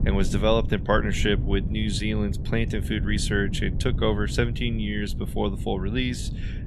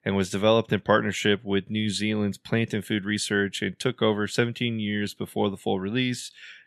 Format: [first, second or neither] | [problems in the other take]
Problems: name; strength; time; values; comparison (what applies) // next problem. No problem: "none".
second | wind noise on the microphone; occasional gusts; 15 dB below the speech